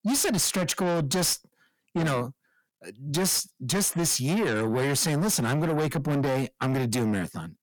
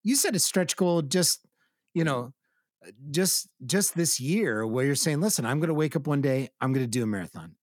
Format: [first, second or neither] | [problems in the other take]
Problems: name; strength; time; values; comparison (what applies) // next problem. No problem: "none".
second | distortion; heavy; 7 dB below the speech